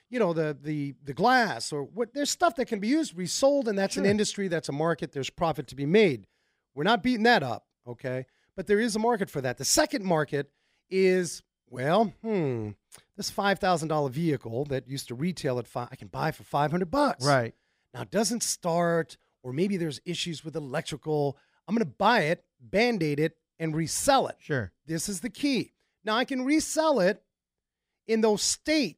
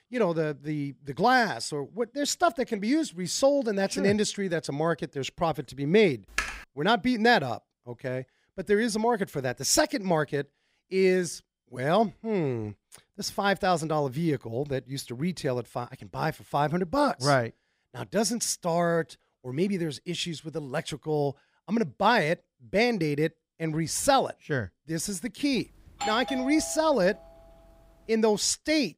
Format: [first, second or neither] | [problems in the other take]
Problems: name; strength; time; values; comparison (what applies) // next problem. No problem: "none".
first | keyboard typing; noticeable; at 6.5 s; peak 4 dB below the speech // doorbell; noticeable; from 26 to 27 s; peak 6 dB below the speech